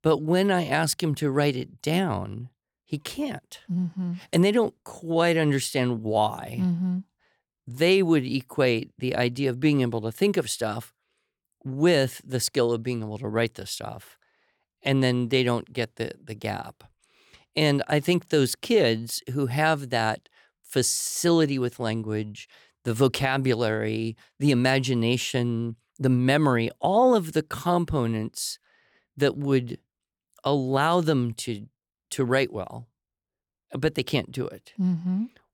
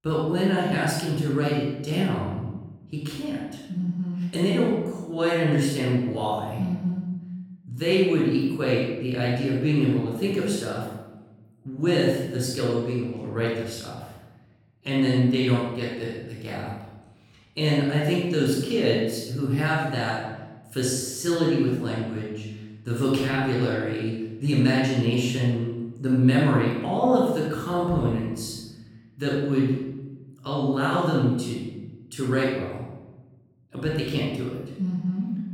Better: first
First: none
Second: off-mic speech; far // room echo; noticeable; dies away in 0.9 s

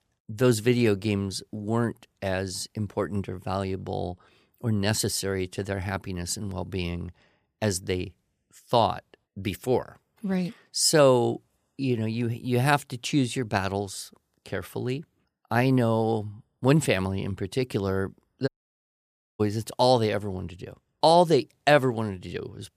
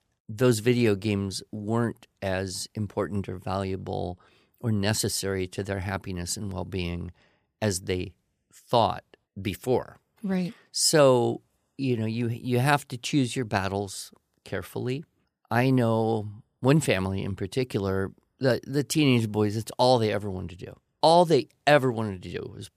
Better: second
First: audio cutting out; at 18 s for 1 s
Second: none

